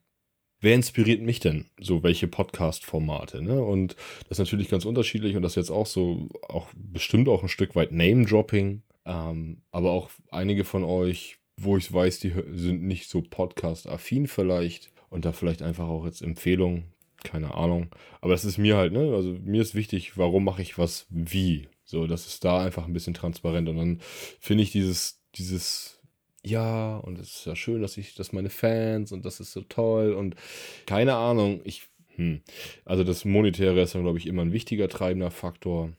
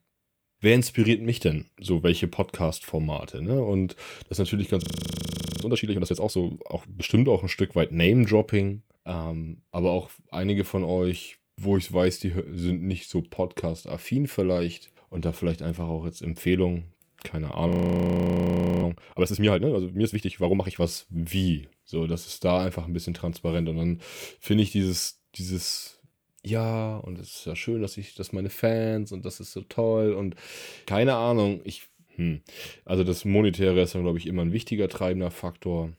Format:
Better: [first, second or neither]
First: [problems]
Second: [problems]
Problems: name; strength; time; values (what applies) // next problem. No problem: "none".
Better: first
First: none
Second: audio freezing; at 5 s for 1 s and at 18 s for 1 s